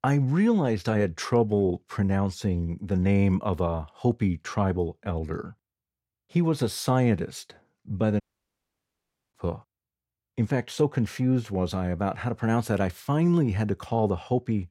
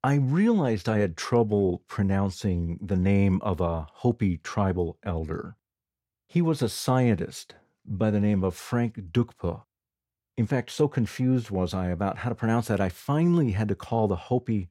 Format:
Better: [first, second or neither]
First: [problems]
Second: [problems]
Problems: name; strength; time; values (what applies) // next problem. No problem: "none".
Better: second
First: audio cutting out; at 8 s for 1 s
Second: none